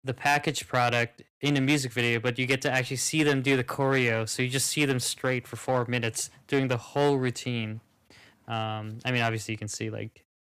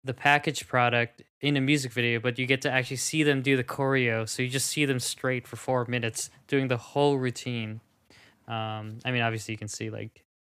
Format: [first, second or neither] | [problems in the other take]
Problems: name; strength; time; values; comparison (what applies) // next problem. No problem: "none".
second | distortion; slight; 3% of the sound clipped